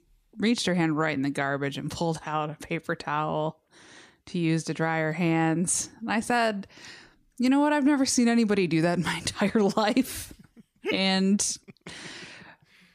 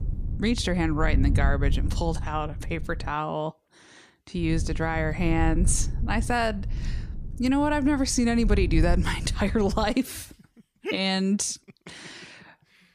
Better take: first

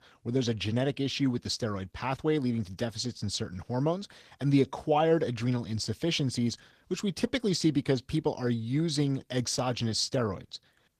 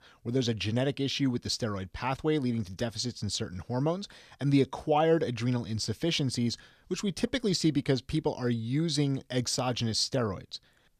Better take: second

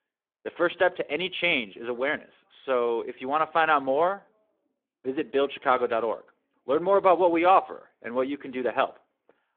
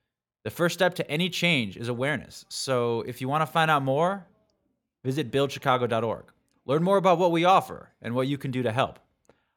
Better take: second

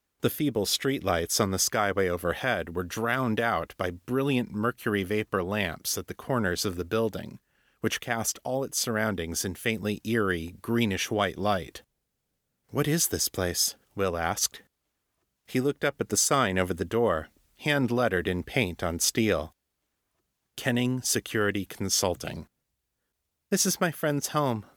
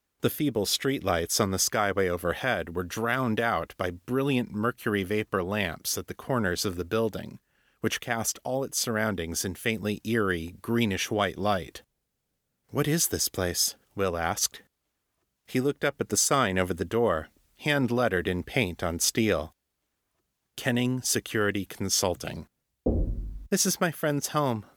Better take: first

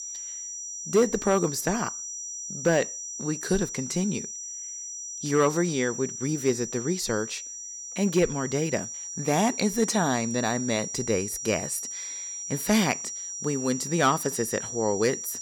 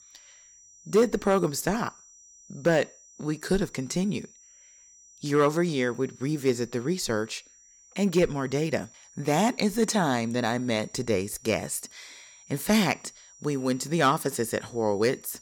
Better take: second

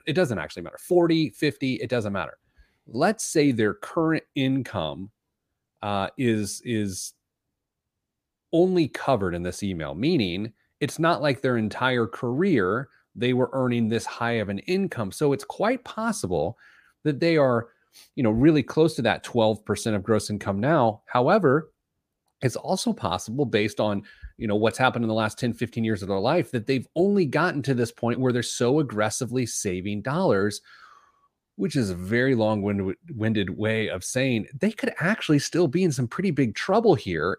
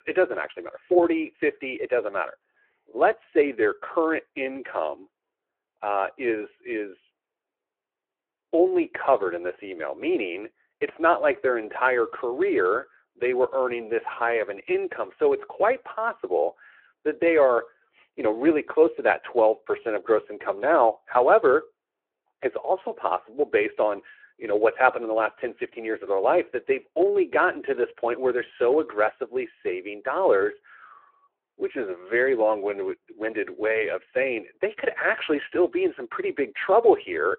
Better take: first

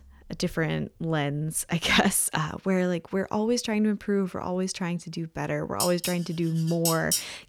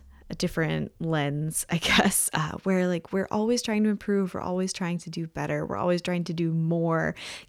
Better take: second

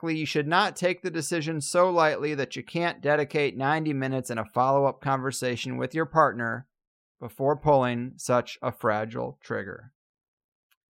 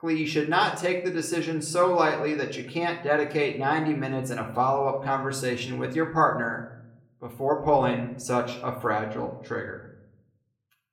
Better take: first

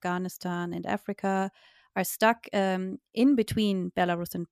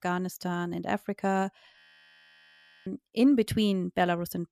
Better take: first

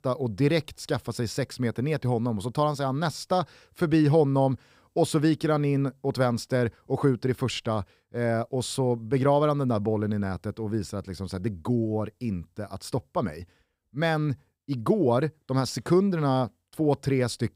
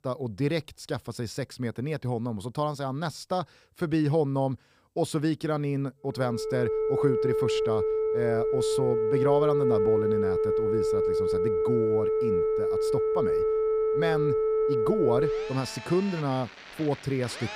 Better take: first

